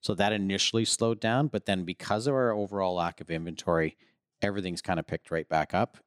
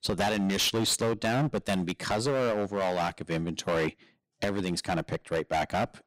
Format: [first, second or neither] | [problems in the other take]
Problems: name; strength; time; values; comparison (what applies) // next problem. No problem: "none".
first | distortion; heavy; 16% of the sound clipped